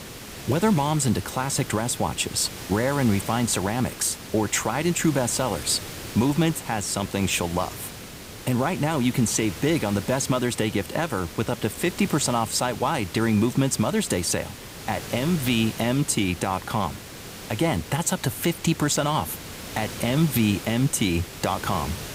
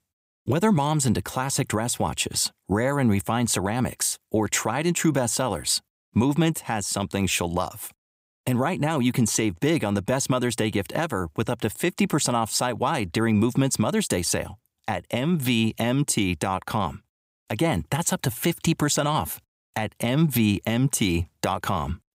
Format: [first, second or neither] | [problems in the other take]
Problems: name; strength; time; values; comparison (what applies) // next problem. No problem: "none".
second | hiss; noticeable; throughout; 10 dB below the speech